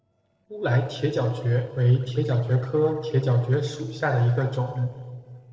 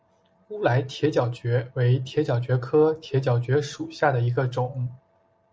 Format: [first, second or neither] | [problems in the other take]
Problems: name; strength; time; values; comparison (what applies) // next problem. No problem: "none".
second | noise reduction (neural separator model SepFormer DNS4)